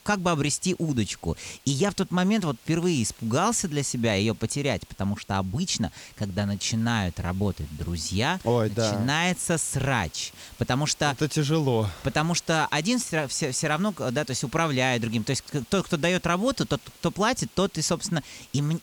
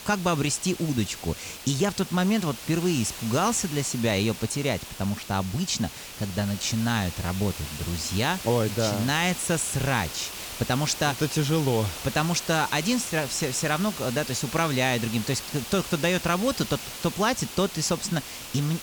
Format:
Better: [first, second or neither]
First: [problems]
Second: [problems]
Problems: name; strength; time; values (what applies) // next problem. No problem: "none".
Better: first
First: hiss; faint; throughout; 25 dB below the speech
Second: hiss; loud; throughout; 9 dB below the speech